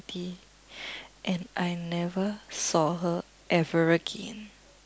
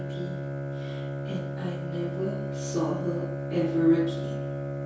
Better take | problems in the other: first | background sound (Bowed string instrument); 2 dB below the speech // room echo; dies away in 0.6 s

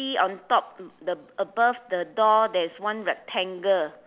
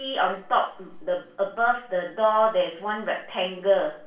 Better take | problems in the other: first | room echo; dies away in 0.3 s

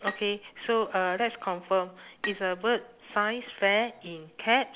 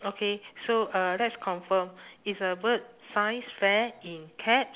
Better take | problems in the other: second | background sound (Bowed string instrument); 14 dB below the speech

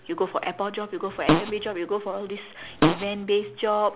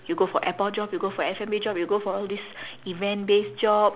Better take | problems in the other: second | background sound (Fart); 4 dB above the speech

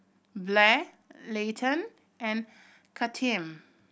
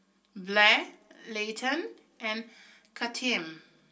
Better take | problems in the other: first | room echo; dies away in 0.2 s

